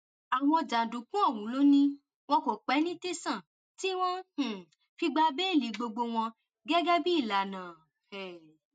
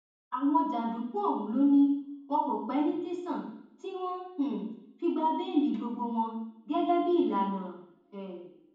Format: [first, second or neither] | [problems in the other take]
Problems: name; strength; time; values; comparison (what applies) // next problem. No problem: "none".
first | room echo; dies away in 1.2 s